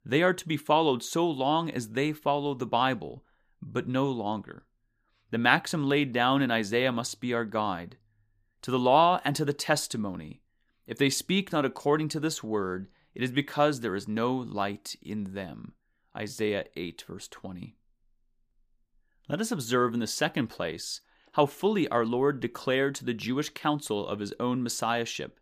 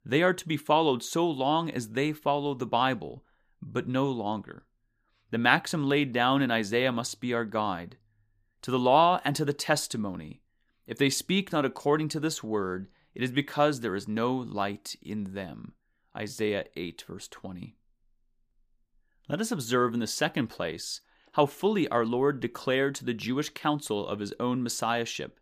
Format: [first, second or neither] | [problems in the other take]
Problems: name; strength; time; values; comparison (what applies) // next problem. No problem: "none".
neither | none